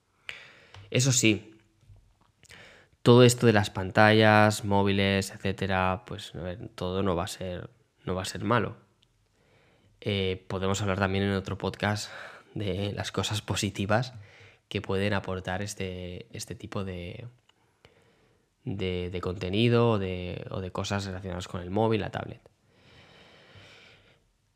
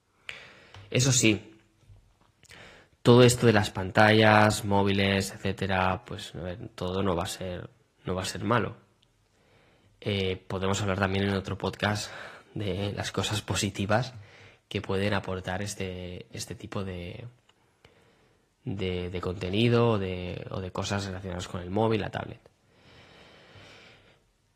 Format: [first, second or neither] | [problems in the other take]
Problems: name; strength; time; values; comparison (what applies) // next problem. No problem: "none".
first | garbled, watery; slightly; nothing above 15 kHz